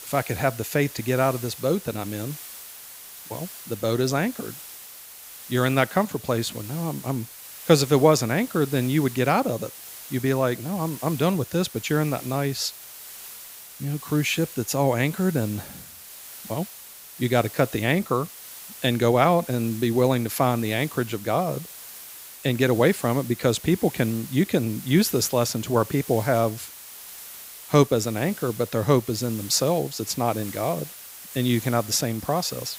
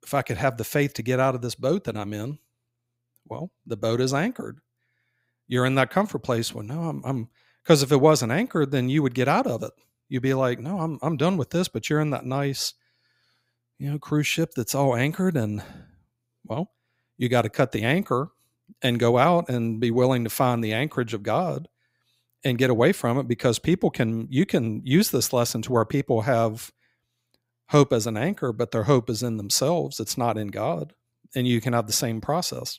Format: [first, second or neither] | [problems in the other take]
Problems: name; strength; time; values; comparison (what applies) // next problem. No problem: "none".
second | hiss; noticeable; throughout; 15 dB below the speech